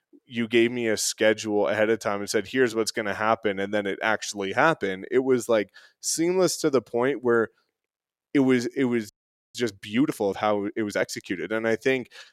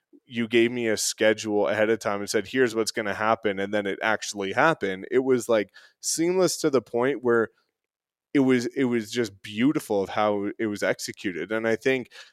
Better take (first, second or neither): second